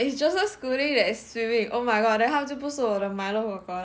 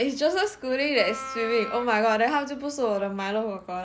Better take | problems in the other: first | background sound (Wind instrument, woodwind instrument); 11 dB below the speech

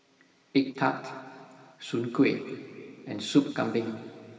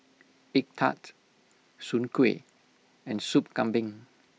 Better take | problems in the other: second | room echo; dies away in 2.3 s

